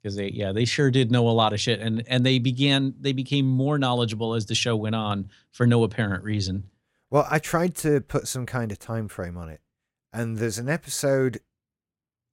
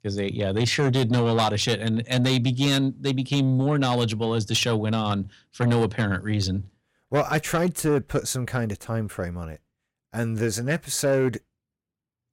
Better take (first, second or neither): first